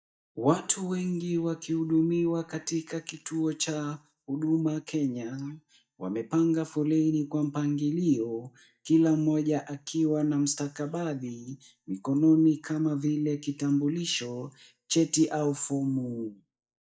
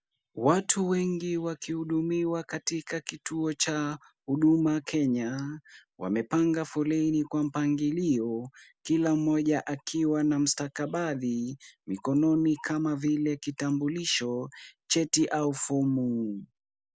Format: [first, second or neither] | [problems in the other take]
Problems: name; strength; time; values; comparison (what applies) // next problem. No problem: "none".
second | noise reduction (neural mask model DeepFilterNet 3)